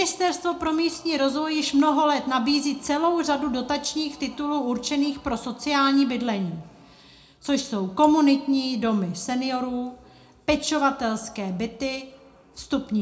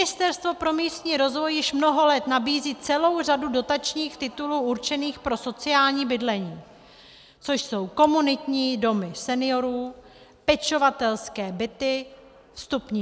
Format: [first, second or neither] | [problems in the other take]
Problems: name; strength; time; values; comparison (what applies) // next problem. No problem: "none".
second | room echo; dies away in 0.3 s